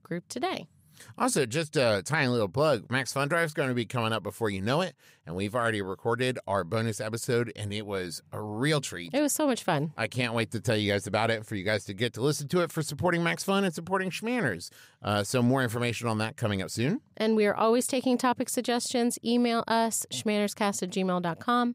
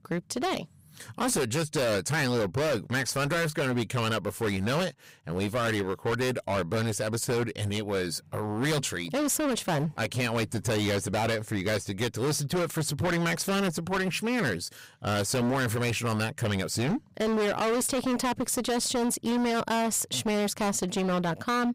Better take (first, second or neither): first